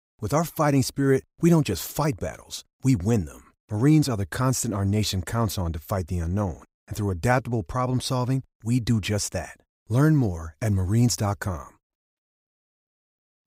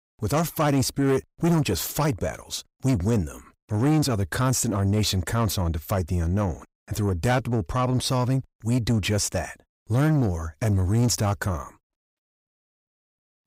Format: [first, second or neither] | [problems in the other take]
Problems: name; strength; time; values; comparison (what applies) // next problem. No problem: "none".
first | distortion; slight; 10 dB below the speech